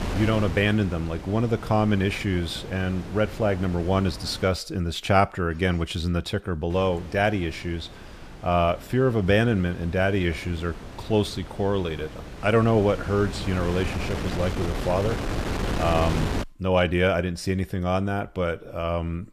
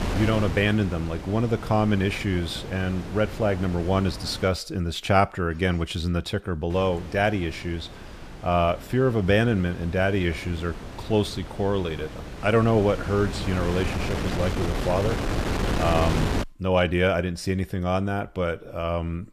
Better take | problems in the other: first | wind noise on the microphone; heavy; until 4.5 s and from 6.5 to 16 s; 9 dB below the speech; occasional gusts in the first

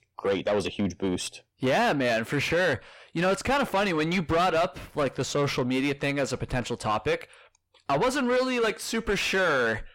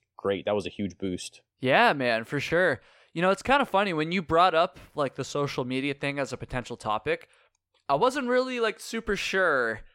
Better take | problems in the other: second | distortion; heavy; 6 dB below the speech

